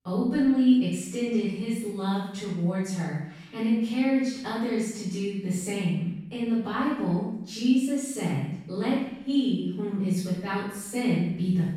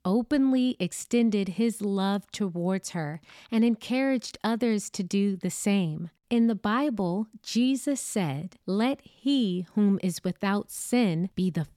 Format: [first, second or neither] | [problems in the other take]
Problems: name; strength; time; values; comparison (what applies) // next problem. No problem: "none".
second | off-mic speech; far // room echo; strong; dies away in 0.7 s